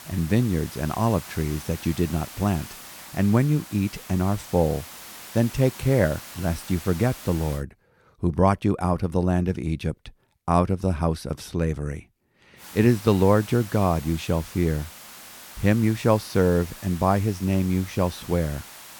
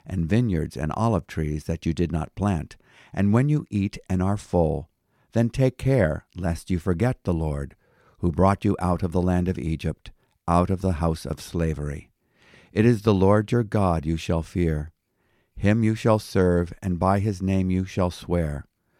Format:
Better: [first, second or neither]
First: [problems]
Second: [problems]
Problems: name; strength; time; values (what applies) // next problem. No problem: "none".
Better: second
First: hiss; noticeable; until 7.5 s and from 13 s on; 15 dB below the speech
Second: none